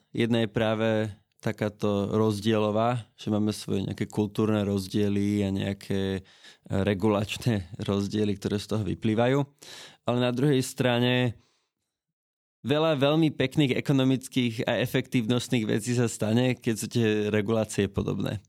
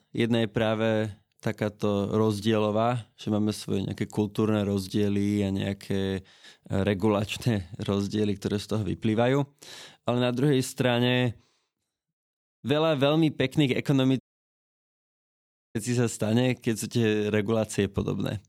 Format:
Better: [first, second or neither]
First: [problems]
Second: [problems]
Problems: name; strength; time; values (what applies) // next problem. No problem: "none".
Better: first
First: none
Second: audio cutting out; at 14 s for 1.5 s